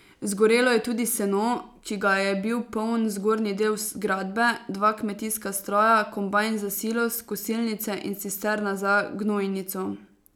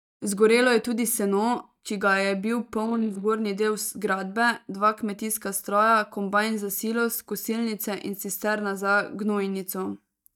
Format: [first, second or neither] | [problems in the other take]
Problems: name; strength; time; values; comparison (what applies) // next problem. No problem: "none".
first | noise reduction (neural mask model DeepFilterNet 3)